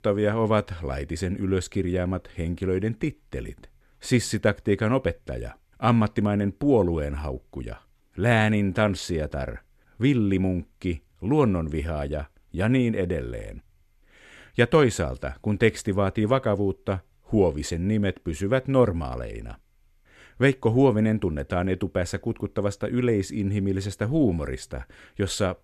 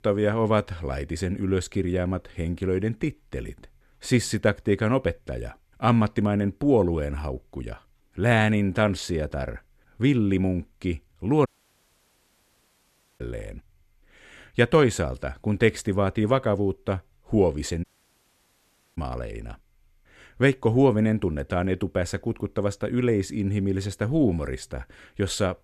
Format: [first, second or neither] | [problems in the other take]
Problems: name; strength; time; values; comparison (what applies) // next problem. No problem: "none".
first | audio cutting out; at 11 s for 1.5 s and at 18 s for 1 s